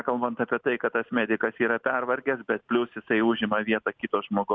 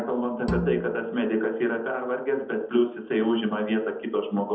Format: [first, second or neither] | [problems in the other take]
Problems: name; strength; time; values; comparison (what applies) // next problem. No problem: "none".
first | background sound (Bowed string instrument); 6 dB below the speech // room echo; dies away in 0.8 s